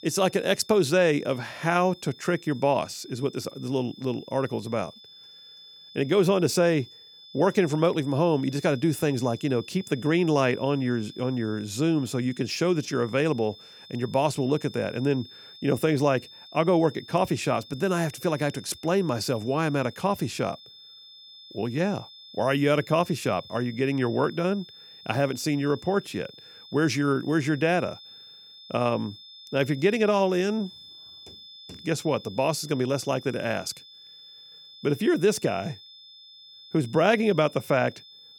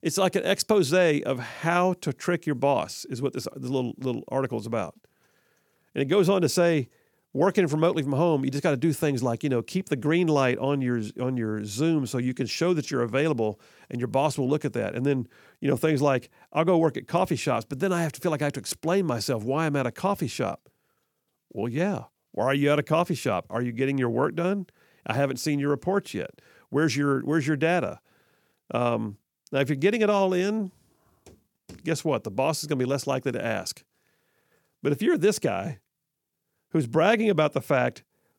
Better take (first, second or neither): second